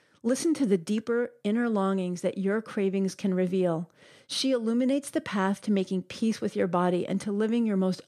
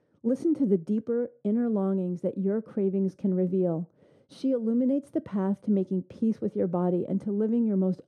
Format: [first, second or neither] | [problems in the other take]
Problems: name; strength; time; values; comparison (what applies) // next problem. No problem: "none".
first | muffled; very; fading above 1 kHz